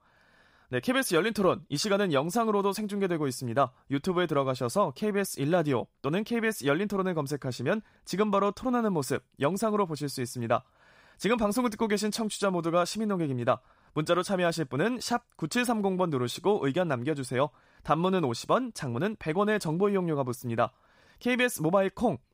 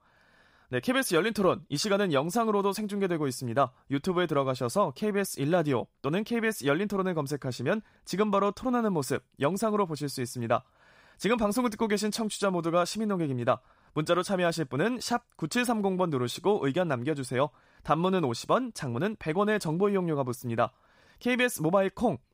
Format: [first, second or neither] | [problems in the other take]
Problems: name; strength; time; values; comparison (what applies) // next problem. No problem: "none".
neither | none